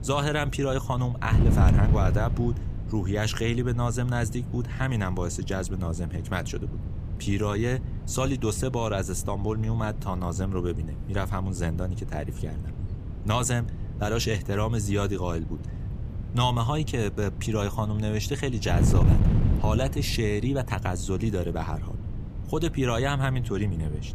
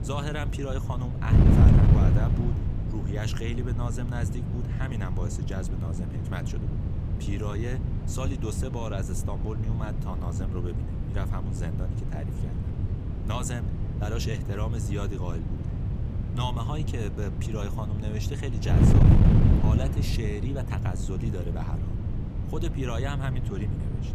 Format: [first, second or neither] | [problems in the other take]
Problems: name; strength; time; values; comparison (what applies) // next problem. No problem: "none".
first | wind noise on the microphone; heavy; as loud as the speech; occasional gusts in the first